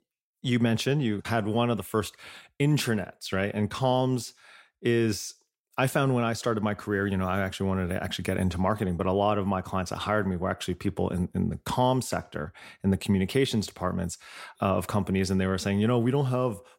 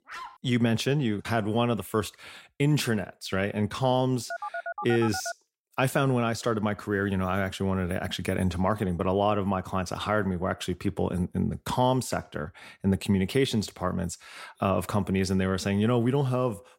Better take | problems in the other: first | dog barking; faint; at the start; peak 15 dB below the speech // phone ringing; noticeable; from 4.5 to 5.5 s; peak 7 dB below the speech

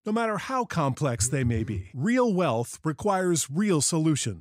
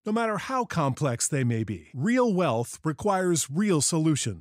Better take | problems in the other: second | phone ringing; noticeable; at 1 s; peak 7 dB below the speech

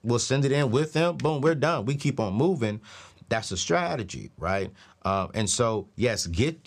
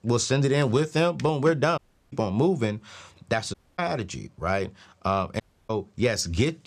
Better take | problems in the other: first | audio cutting out; at 2 s, at 3.5 s and at 5.5 s

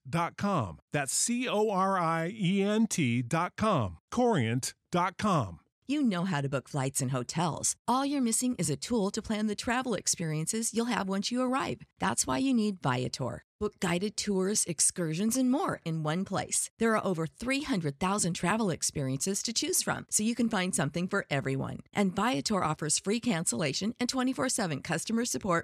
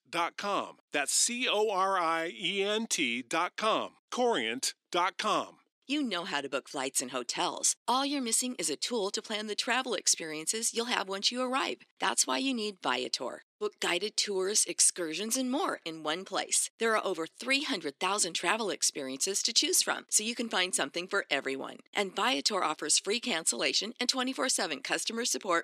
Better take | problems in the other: first | thin; somewhat; fading below 300 Hz

